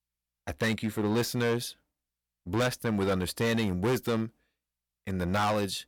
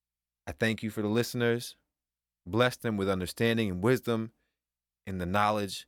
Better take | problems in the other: second | distortion; heavy; 10% of the sound clipped

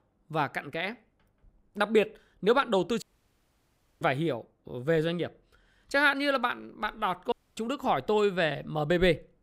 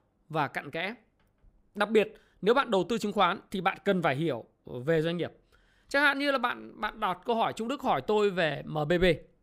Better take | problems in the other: second | audio cutting out; at 3 s for 1 s and at 7.5 s

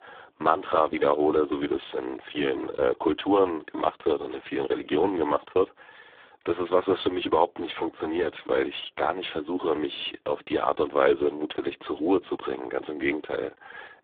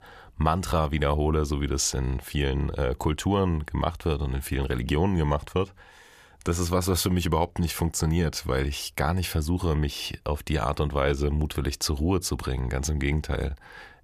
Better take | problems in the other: second | phone-call audio; poor line

